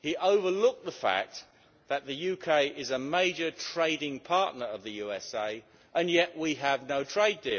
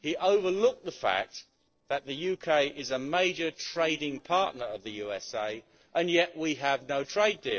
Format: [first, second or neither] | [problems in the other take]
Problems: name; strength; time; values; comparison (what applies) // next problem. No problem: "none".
first | noise reduction (neural separator model SepFormer DNS4)